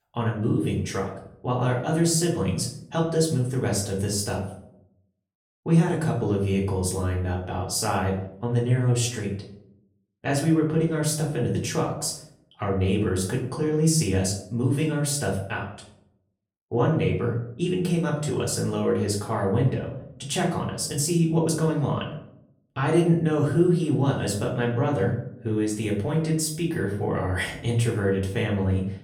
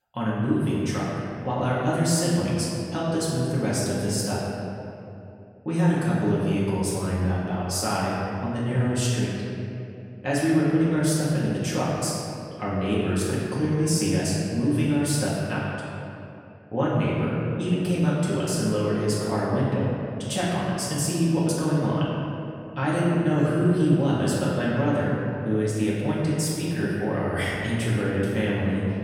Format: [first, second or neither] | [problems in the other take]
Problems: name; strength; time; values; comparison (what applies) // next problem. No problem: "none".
first | room echo; strong; dies away in 2.5 s; slight in the first // off-mic speech; far; far in the first